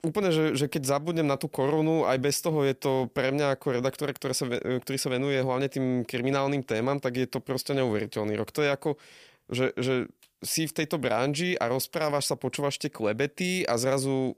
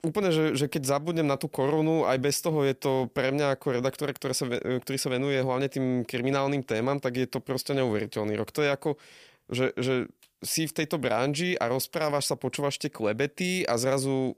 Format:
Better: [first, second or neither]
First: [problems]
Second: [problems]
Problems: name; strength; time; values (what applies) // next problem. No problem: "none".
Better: neither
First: none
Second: none